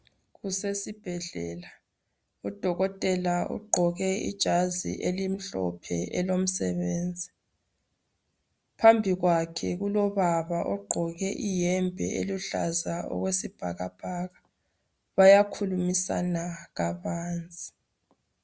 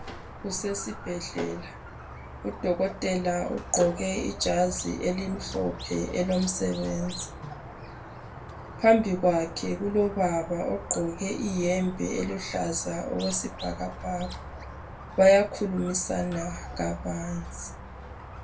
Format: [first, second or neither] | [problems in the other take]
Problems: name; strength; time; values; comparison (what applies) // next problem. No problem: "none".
first | background sound (Squeak); 12 dB below the speech // room echo; dies away in 0.2 s